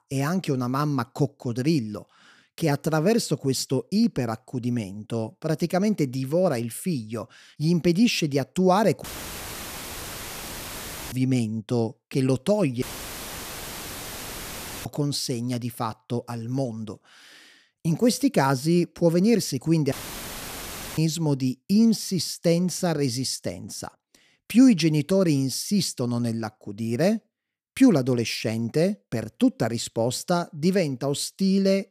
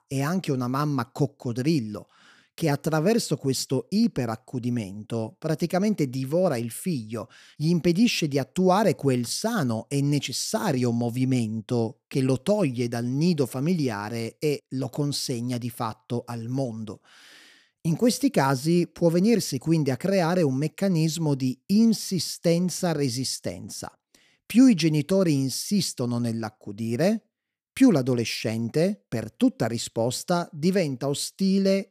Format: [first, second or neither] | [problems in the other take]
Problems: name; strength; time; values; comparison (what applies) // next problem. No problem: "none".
second | audio cutting out; filled with static; at 9 s for 2 s, at 13 s for 2 s and at 20 s for 1 s